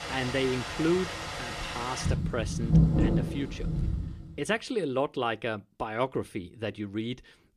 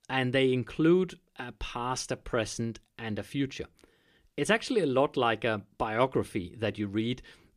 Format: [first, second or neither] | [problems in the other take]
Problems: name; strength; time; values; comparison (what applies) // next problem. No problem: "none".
second | rain or running water; very loud; until 4 s; 2 dB above the speech